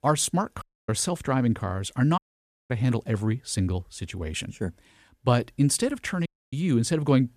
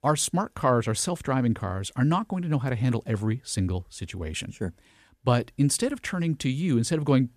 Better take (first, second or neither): second